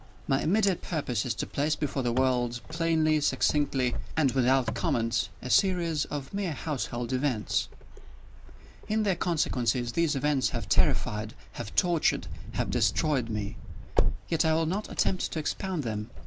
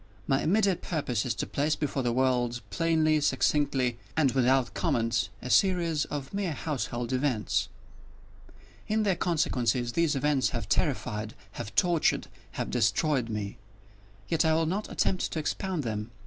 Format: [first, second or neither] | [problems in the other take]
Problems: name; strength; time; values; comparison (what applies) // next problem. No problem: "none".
second | background sound (Wind); 3 dB below the speech